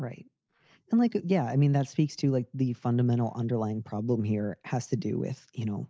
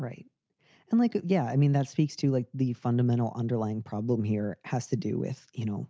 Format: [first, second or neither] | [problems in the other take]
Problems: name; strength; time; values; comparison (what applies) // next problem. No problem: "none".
second | noise reduction (neural mask model Resemble Enhance denoiser)